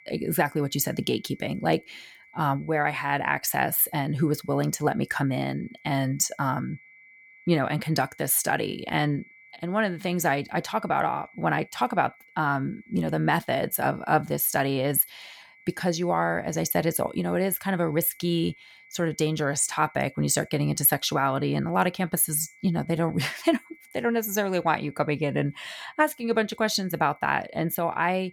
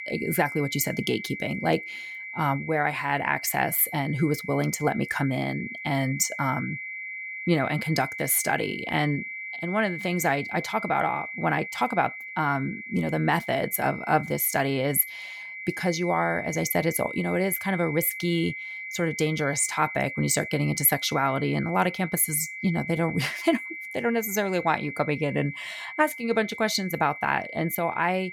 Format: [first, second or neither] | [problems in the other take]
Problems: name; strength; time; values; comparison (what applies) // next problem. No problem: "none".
first | high-pitched whine; loud; throughout; 2 kHz, 9 dB below the speech; faint in the first